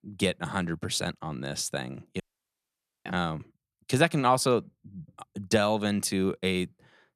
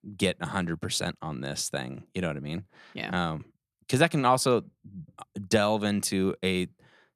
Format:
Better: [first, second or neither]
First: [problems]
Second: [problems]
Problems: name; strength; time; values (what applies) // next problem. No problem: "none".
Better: second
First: audio cutting out; at 2 s for 1 s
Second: none